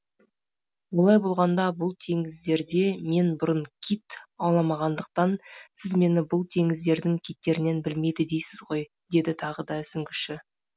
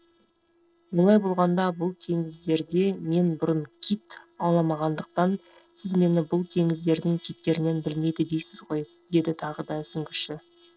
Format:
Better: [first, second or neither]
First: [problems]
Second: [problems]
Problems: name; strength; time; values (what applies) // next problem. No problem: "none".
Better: first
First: none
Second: noise reduction (neural separator model SepFormer DNS4)